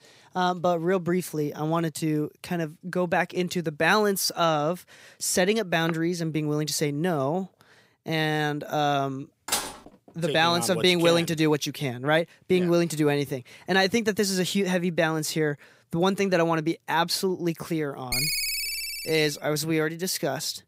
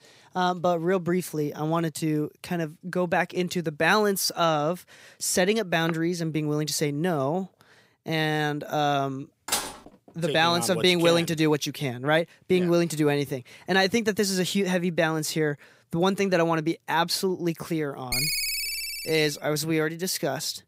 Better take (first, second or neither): neither